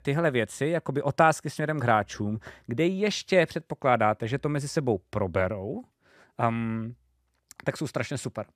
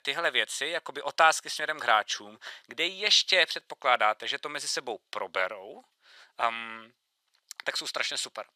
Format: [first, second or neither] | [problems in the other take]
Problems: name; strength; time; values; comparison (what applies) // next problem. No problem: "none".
first | thin; very; fading below 900 Hz